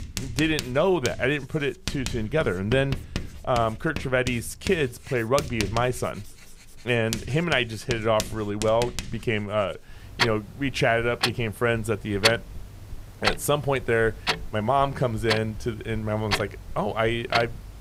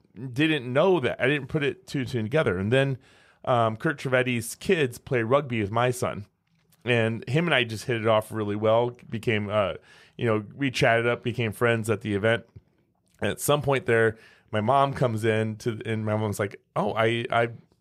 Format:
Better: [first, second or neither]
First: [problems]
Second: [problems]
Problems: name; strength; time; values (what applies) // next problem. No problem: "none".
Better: second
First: household noises; loud; throughout; 6 dB below the speech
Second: none